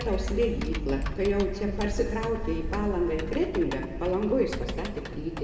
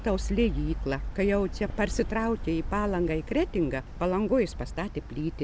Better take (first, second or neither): second